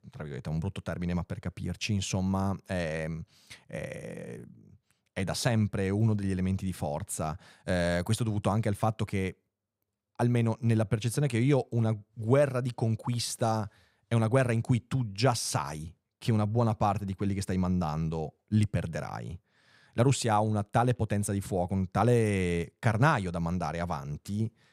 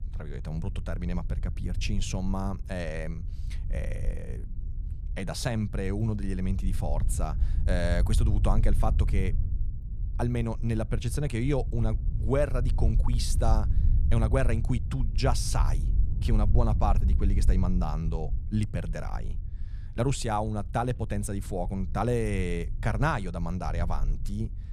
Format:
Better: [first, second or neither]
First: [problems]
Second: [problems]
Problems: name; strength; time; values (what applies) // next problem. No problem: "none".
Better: first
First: none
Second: low rumble; noticeable; throughout; 15 dB below the speech